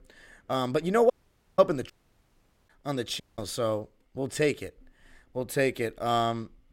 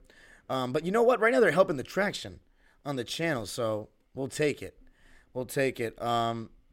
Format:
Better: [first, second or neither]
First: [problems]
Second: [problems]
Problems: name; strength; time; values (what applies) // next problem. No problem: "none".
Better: second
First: audio cutting out; at 1 s, at 2 s for 1 s and at 3 s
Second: none